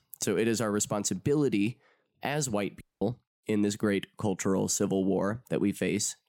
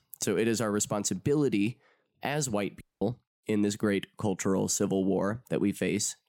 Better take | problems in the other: neither | audio cutting out; at 3 s; the same in both

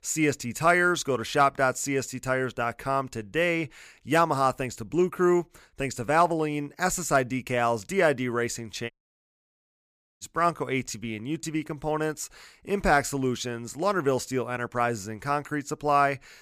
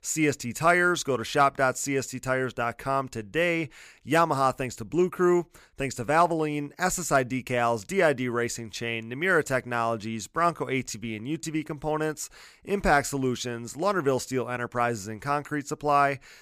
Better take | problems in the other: second | audio cutting out; at 9 s for 1.5 s

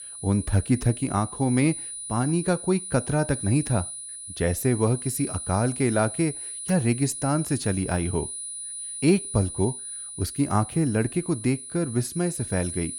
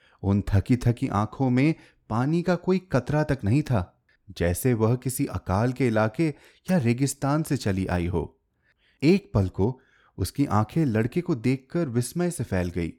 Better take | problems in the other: second | high-pitched whine; loud; throughout; 9.5 kHz, 8 dB below the speech

